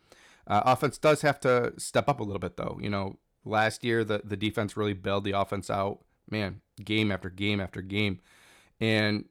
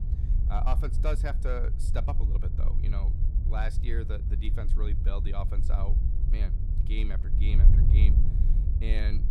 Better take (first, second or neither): first